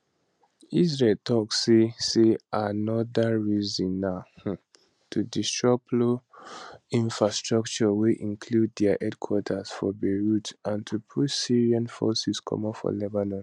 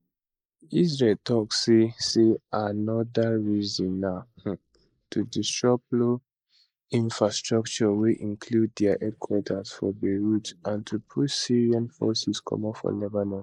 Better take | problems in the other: first | noise reduction (neural mask model Resemble Enhance denoiser)

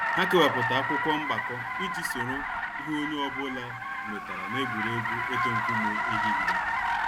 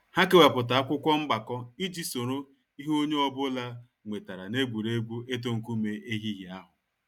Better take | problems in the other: second | background sound (Car); 3 dB above the speech

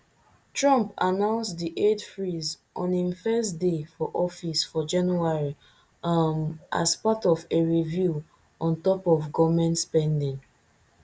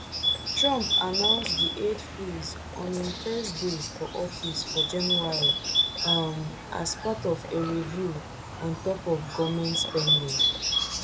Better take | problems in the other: first | background sound (Bird); 2 dB above the speech

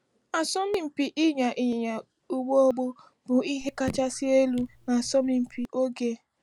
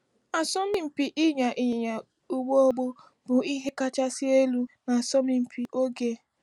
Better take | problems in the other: second | background sound (Raindrop / Drip); 16 dB below the speech

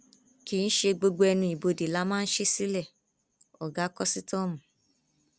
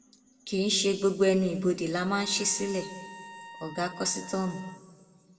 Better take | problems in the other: first | background sound (Trumpet); 17 dB below the speech // room echo; dies away in 1.3 s

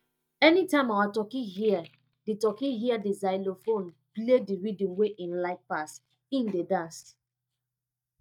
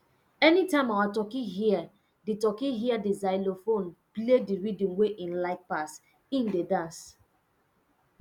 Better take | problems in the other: second | noise reduction (neural mask model DeepFilterNet 3)

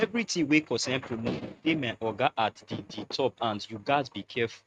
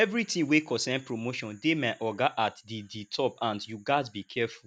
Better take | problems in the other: second | noise reduction (neural mask model RNNoise)

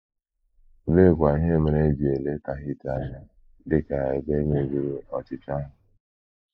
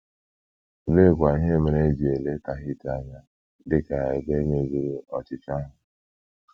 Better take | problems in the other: second | noise reduction (neural mask model Resemble Enhance denoiser)

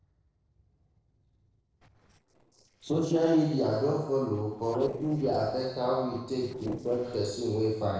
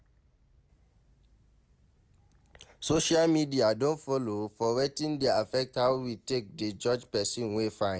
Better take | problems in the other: second | noise reduction (neural separator model SepFormer DNS4)

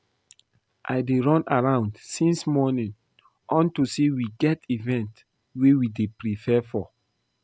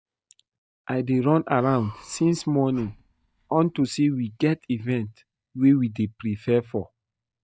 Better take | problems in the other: first | noise reduction (neural mask model DeepFilterNet 3)

